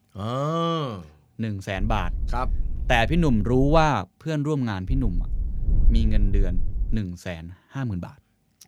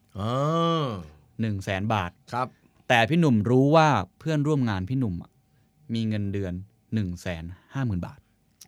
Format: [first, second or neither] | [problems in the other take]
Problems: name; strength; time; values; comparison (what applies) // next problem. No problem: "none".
second | wind noise on the microphone; occasional gusts; from 2 to 4 s and from 5 to 7 s; 20 dB below the speech